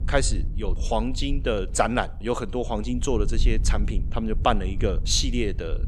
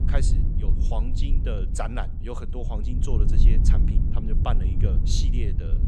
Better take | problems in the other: first | low rumble; loud; throughout; 4 dB below the speech; faint in the first

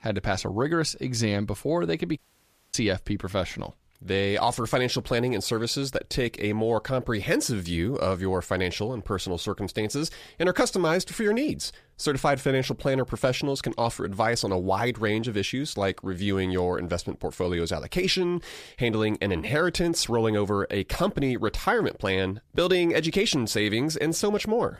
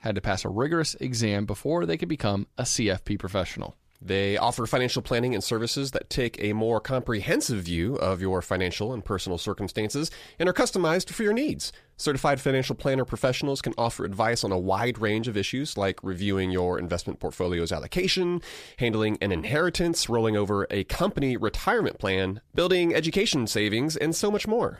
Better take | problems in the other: second | audio cutting out; at 2 s for 0.5 s

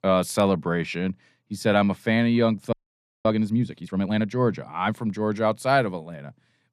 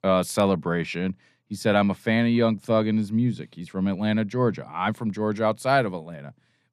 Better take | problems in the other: second | audio freezing; at 2.5 s for 0.5 s

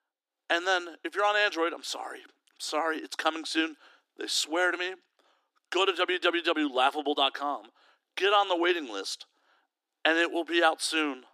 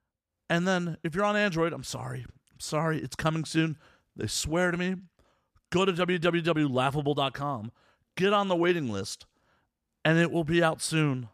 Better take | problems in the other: second | thin; very; fading below 300 Hz

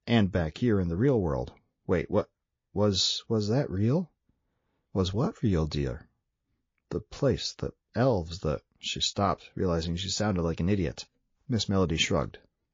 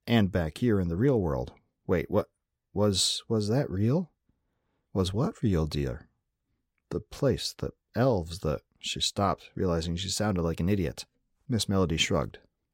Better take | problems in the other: second | garbled, watery; slightly

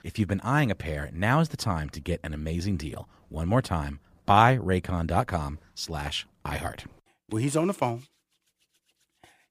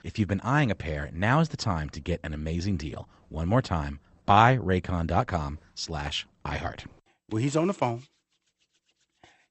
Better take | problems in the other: first | garbled, watery; slightly; nothing above 8 kHz

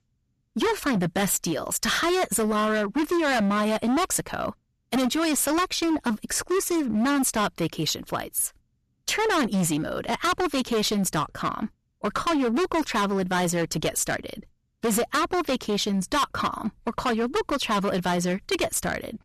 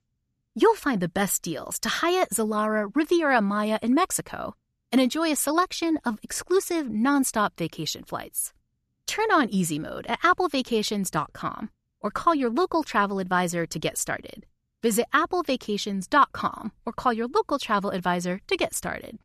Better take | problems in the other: second | distortion; heavy; 20% of the sound clipped

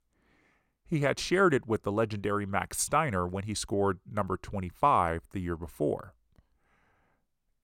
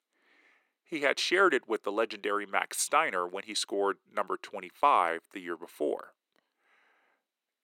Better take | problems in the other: first | thin; somewhat; fading below 300 Hz

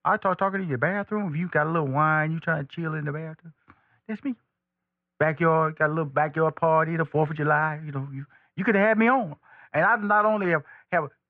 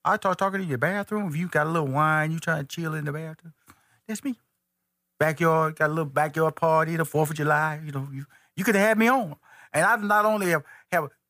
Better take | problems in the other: second | muffled; very; fading above 2.5 kHz

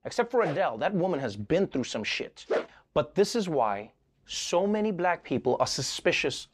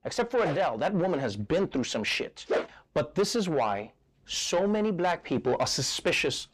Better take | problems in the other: first | distortion; slight; 10 dB below the speech

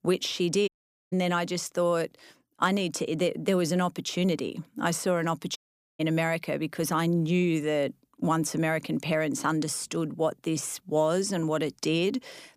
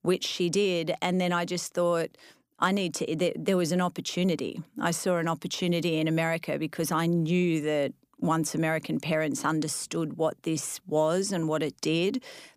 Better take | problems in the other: second | audio cutting out; at 0.5 s and at 5.5 s

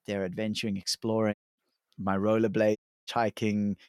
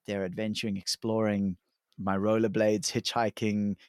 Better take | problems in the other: second | audio cutting out; at 1.5 s and at 3 s

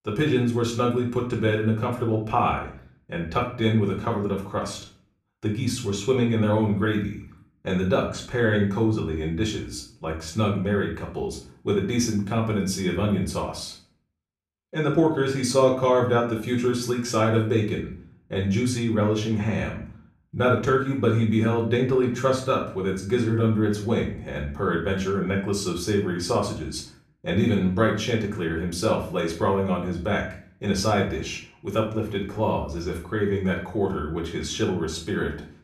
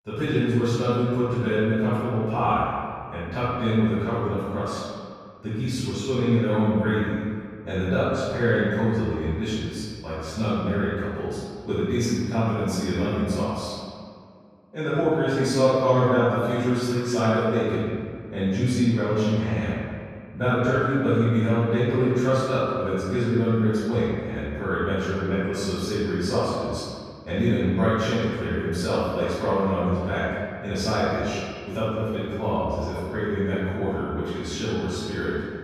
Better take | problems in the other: first | room echo; strong; dies away in 1.8 s; slight in the first // off-mic speech; far; far in the first

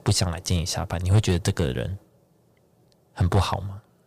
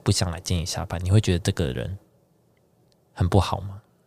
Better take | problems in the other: second | distortion; slight; 2% of the sound clipped

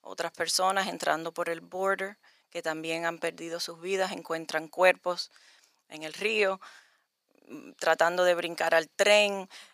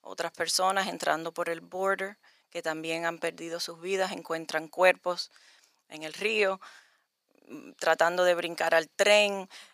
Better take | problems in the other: neither | thin; very; fading below 750 Hz; the same in both

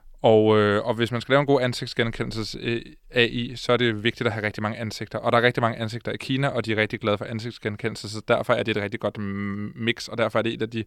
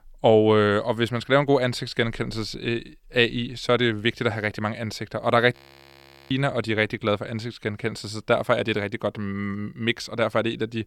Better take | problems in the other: first | audio freezing; at 5.5 s for 1 s

